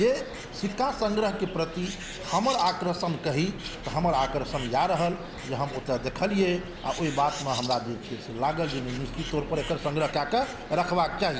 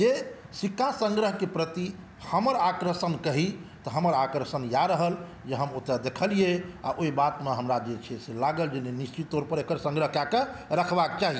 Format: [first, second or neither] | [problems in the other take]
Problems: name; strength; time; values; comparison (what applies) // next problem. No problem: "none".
second | background sound (Bird); 11 dB below the speech